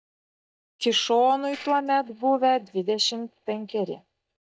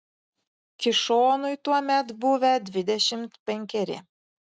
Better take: second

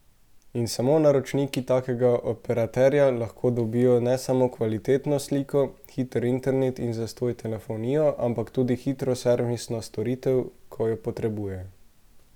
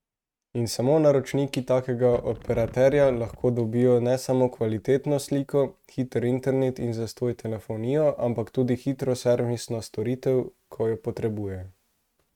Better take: first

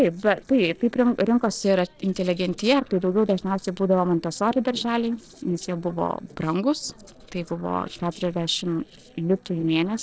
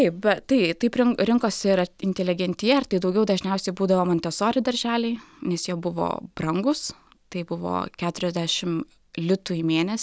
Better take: second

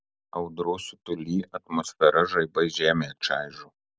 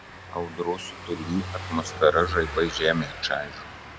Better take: first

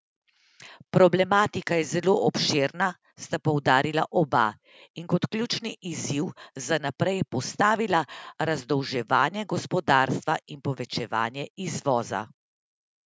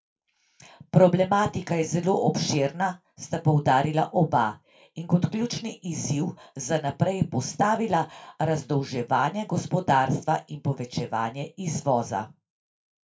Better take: first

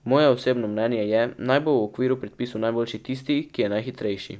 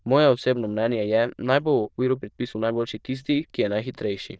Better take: first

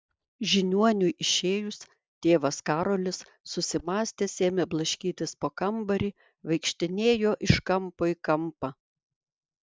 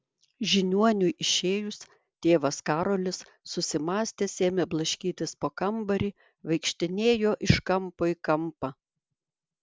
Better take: second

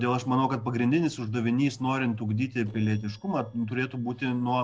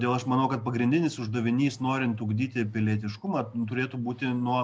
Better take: second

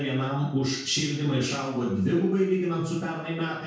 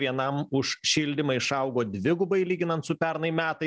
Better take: second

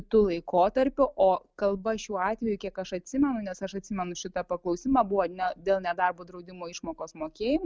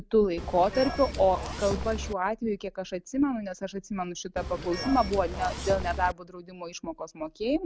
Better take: first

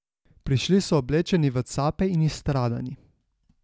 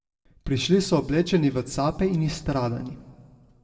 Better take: first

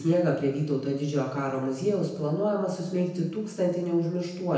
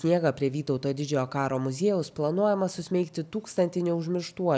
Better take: second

